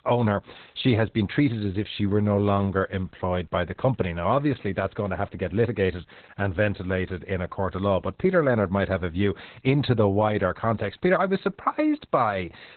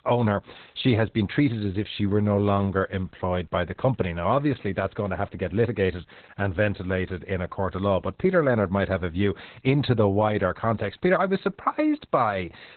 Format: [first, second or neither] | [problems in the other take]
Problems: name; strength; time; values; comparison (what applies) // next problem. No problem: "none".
neither | garbled, watery; badly; nothing above 4 kHz; the same in both